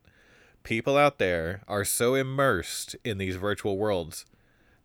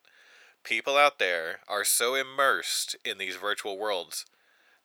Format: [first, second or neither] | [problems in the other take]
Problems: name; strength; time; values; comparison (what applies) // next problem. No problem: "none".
first | thin; very; fading below 700 Hz